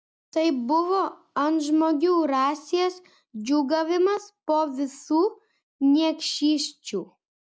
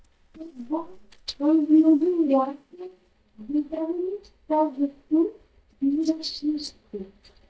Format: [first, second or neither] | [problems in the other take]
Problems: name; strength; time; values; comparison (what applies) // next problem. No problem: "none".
first | noise reduction (neural mask model DeepFilterNet 3)